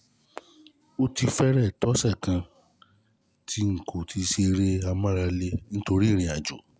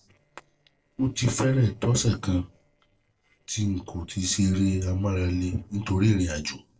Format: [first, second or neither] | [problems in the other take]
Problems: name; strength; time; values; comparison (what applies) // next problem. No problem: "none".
first | noise reduction (neural separator model SepFormer DNS4)